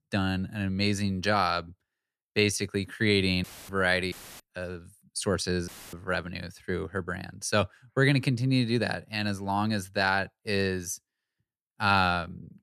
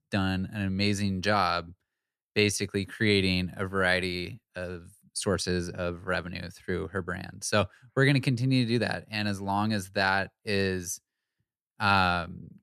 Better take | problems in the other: second | audio cutting out; filled with static; at 3.5 s, at 4 s and at 5.5 s

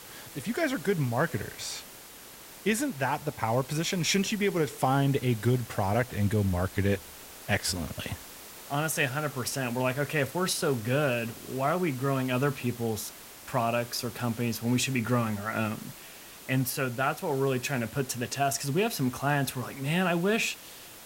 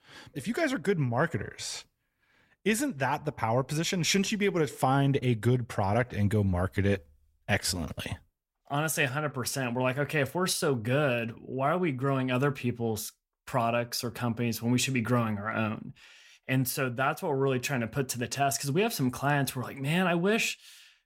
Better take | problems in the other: second | hiss; noticeable; throughout; 15 dB below the speech

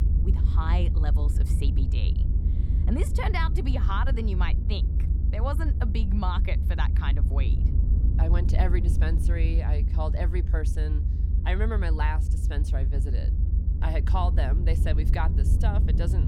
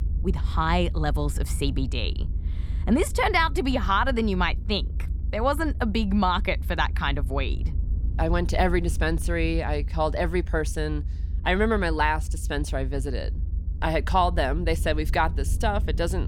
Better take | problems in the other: second | low rumble; loud; throughout; 7 dB below the speech; faint in the second

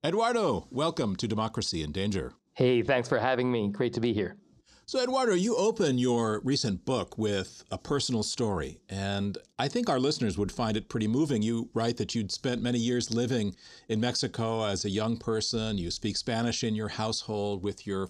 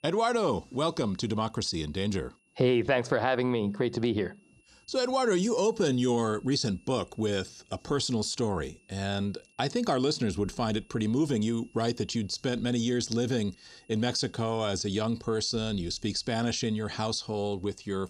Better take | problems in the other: first | high-pitched whine; faint; throughout; 2.5 kHz, 35 dB below the speech

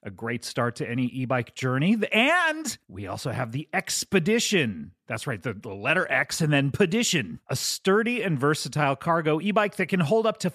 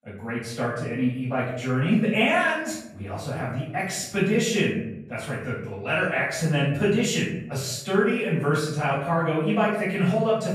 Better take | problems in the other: first | off-mic speech; far // room echo; noticeable; dies away in 0.6 s

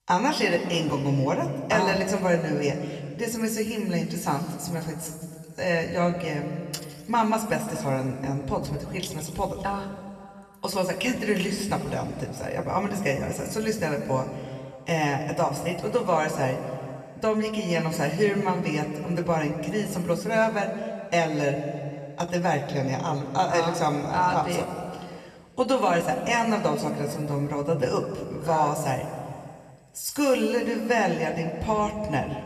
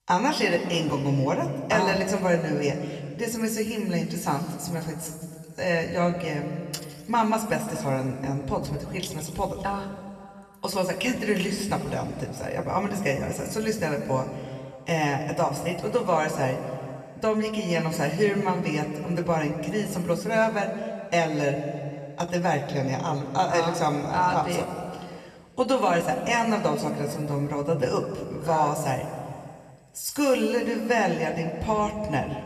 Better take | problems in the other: neither | room echo; slight; dies away in 2.2 s; the same in both // off-mic speech; somewhat distant; the same in both

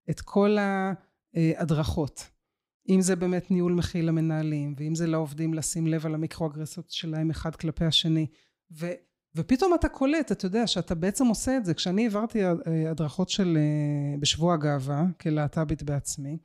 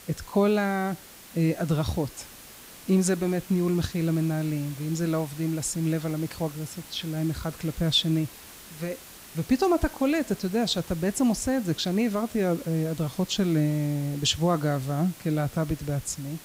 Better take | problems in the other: first | hiss; noticeable; throughout; 15 dB below the speech

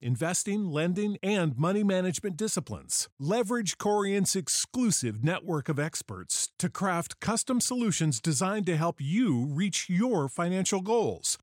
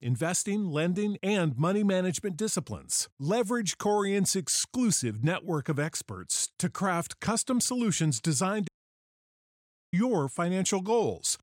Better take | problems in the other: first | audio cutting out; at 8.5 s for 1.5 s

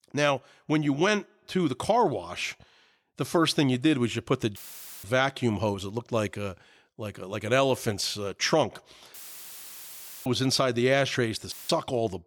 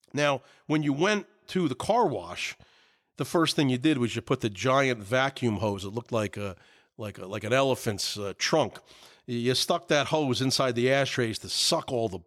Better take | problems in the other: second | audio cutting out; filled with static; at 4.5 s, at 9 s for 1 s and at 12 s

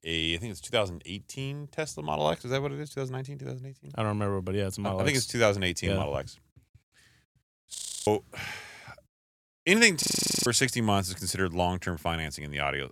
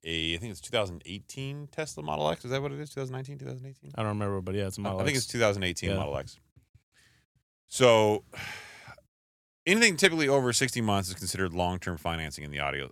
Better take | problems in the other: second | audio freezing; at 8 s and at 10 s

